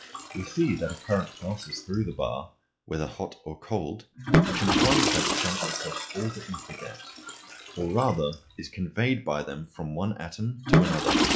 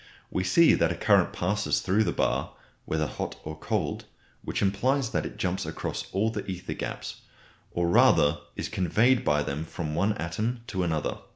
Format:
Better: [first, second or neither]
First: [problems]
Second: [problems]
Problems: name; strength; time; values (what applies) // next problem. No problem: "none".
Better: second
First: noise reduction (classical method log-MMSE)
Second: none